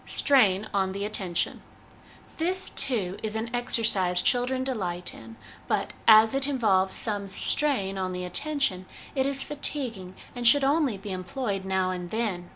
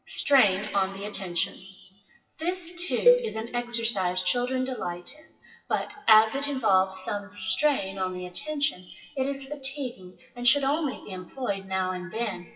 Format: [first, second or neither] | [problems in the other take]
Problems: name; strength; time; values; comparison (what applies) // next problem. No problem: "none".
first | noise reduction (classical method WPE with log-MMSE)